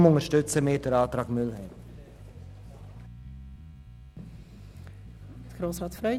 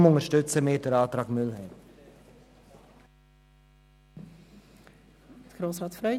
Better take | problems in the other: second | background sound (Bass guitar); 16 dB below the speech

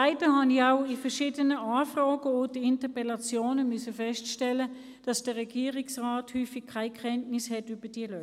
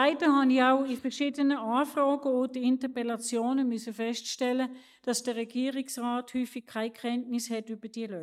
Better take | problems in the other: first | noise reduction (neural mask model DeepFilterNet 3)

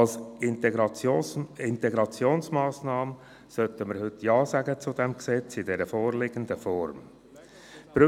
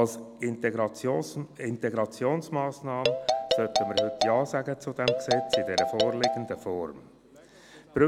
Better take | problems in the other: first | background sound (Marimba, xylophone); 2 dB above the speech

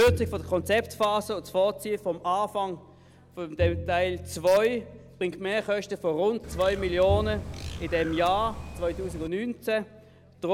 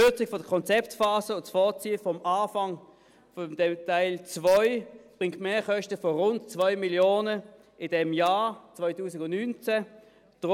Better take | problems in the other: second | background sound (Bird + Bowed string instrument); 10 dB below the speech

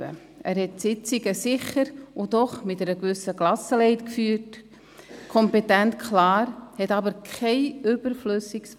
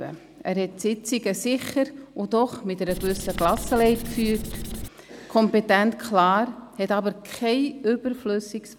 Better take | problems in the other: first | background sound (Writing); 8 dB below the speech

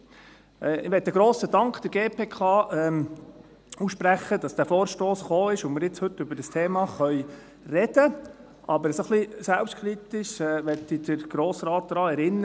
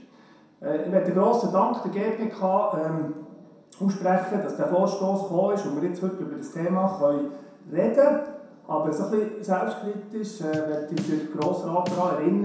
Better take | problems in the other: first | background sound (Bass drum / Snare drum); 12 dB below the speech // room echo; dies away in 0.7 s

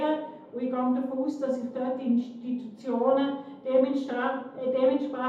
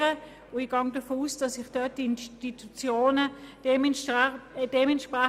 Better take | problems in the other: second | room echo; dies away in 0.8 s

